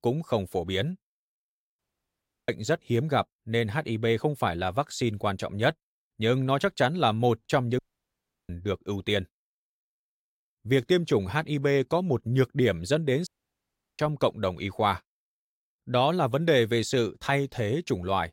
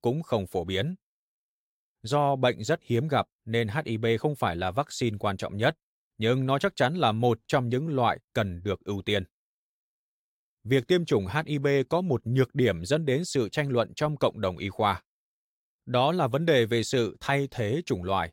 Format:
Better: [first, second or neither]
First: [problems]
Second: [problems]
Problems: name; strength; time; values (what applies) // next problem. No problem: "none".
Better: second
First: audio cutting out; at 2 s for 0.5 s, at 8 s for 0.5 s and at 13 s for 0.5 s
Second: none